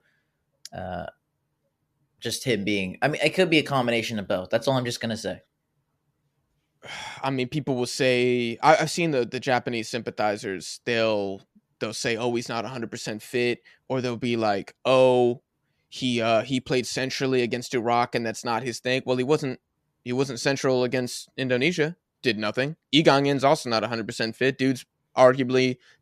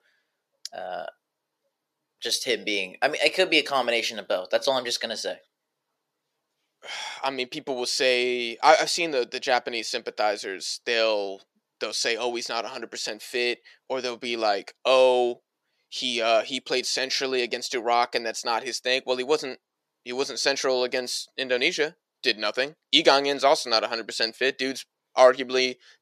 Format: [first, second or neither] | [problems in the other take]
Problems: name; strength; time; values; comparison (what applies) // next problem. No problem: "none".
first | thin; somewhat; fading below 500 Hz